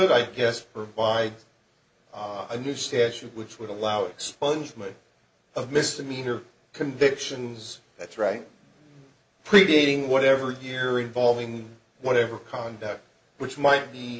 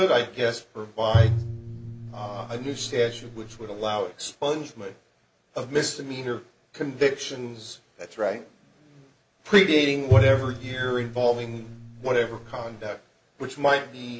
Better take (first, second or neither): first